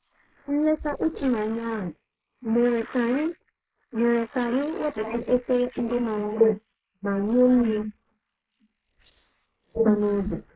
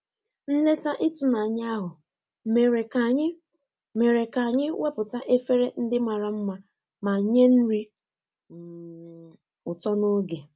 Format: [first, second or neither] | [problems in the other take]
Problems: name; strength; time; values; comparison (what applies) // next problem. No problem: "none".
second | noise reduction (neural mask model Resemble Enhance denoiser)